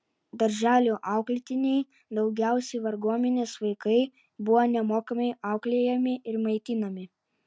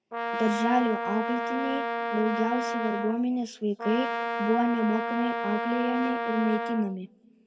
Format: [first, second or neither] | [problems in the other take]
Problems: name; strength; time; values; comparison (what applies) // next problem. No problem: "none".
first | background sound (Brass instrument); 2 dB below the speech // room echo; dies away in 1.7 s